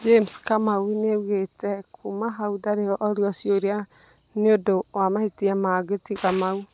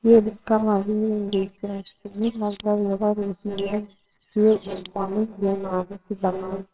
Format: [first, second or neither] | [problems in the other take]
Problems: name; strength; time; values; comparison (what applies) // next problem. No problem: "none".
first | noise reduction (neural separator model SepFormer WHAMR!)